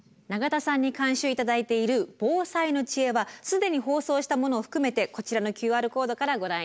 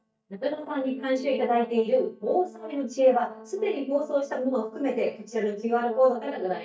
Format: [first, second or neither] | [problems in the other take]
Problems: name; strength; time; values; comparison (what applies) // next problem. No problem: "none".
first | noise reduction (neural mask model DeepFilterNet 3)